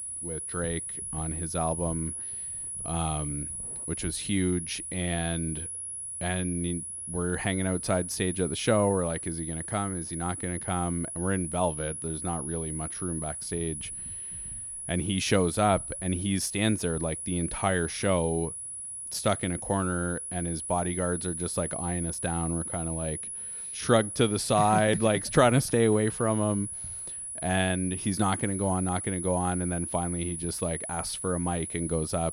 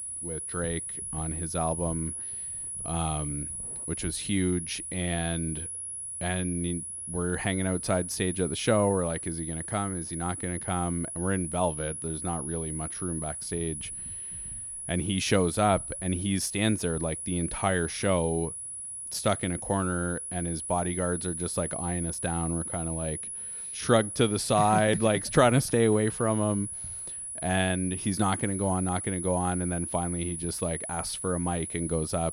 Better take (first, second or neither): neither